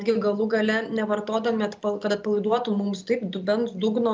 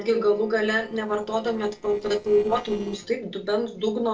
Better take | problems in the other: first | noise reduction (neural separator model SepFormer DNS4)

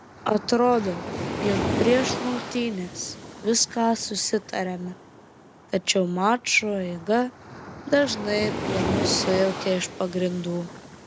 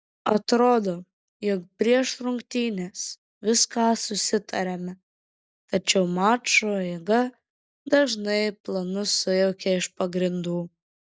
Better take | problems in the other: second | background sound (Waves, surf); 7 dB below the speech

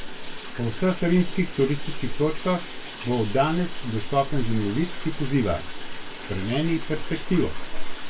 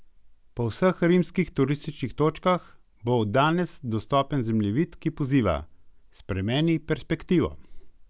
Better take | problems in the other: second | background sound (Bathtub (filling or washing)); 15 dB below the speech // room echo; dies away in 0.2 s

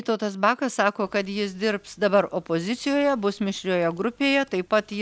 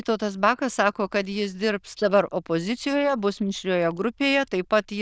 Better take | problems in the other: first | noise reduction (neural diffusion model UNIVERSE++)

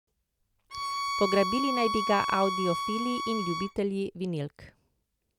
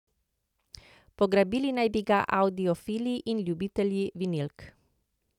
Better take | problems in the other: second | background sound (Bowed string instrument); 2 dB below the speech

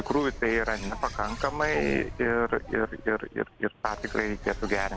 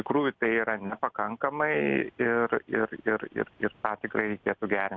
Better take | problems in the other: second | background sound (Bird); 10 dB below the speech

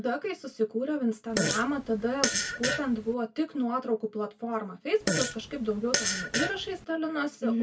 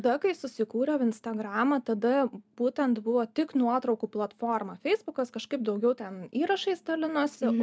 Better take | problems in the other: second | background sound (Fart); 1 dB below the speech // room echo; dies away in 0.1 s

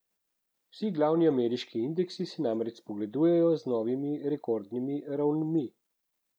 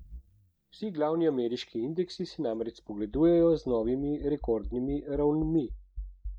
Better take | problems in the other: first | noise reduction (neural mask model DeepFilterNet 3)

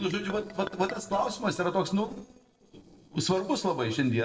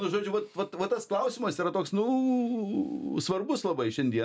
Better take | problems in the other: second | noise reduction (neural separator model SepFormer DNS4)

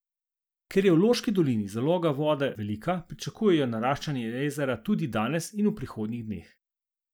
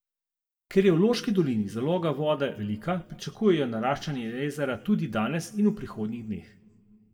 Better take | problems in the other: first | room echo; dies away in 0.8 s

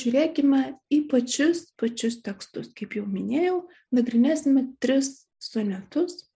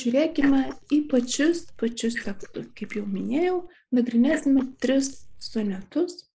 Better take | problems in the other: first | noise reduction (neural mask model Resemble Enhance denoiser)

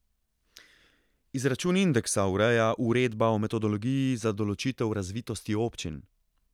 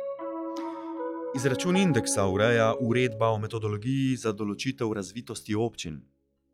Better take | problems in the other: first | noise reduction (classical method log-MMSE)

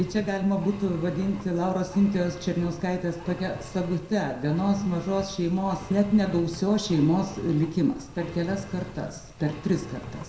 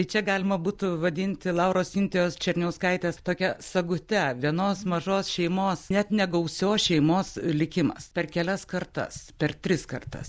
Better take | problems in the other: second | background sound (Engine); 15 dB below the speech // room echo; dies away in 0.6 s

